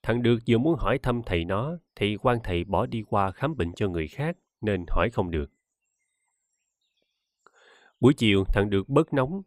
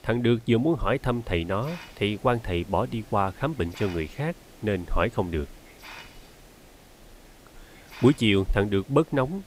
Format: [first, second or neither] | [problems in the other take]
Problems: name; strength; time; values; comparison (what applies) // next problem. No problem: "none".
first | hiss; faint; throughout; 20 dB below the speech